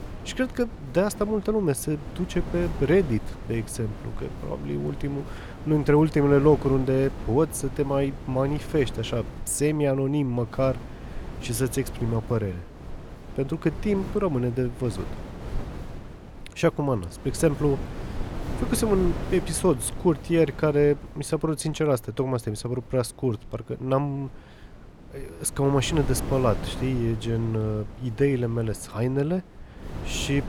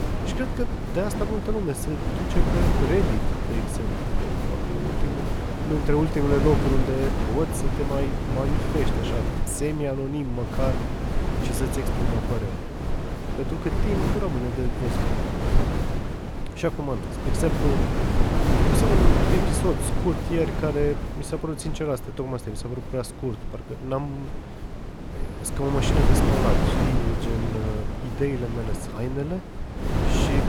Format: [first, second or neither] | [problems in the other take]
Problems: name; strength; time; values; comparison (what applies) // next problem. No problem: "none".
first | wind noise on the microphone; heavy; as loud as the speech; occasional gusts in the first